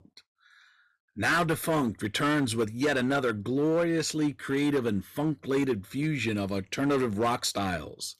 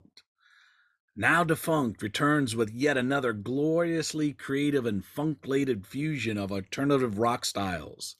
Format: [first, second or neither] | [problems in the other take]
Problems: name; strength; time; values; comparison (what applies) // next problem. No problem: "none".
second | distortion; slight; 7% of the sound clipped